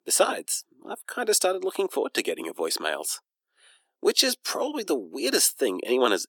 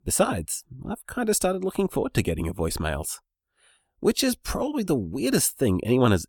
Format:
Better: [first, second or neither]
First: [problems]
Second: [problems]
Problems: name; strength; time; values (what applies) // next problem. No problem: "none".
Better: second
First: thin; somewhat; fading below 300 Hz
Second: none